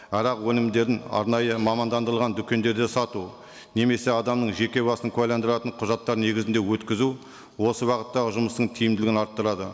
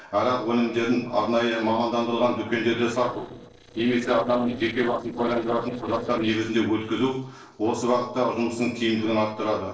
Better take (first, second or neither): first